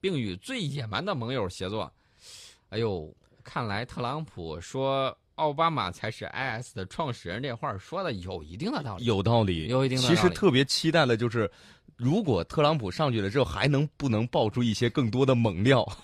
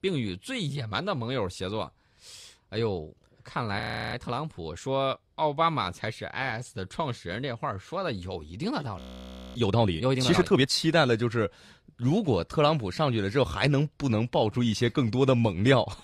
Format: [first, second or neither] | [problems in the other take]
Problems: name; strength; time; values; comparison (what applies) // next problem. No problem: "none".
first | audio freezing; at 4 s and at 9 s for 0.5 s